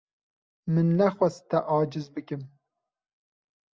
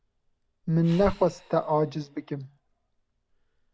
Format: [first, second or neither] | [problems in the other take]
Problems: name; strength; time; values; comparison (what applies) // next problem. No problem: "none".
first | background sound (Breathing); 16 dB below the speech